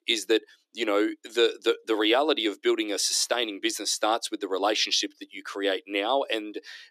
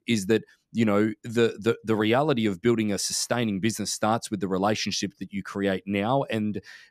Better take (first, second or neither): second